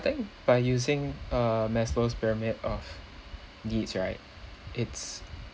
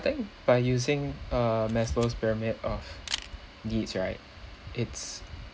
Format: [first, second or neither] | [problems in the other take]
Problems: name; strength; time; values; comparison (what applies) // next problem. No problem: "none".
first | background sound (Camera); 15 dB below the speech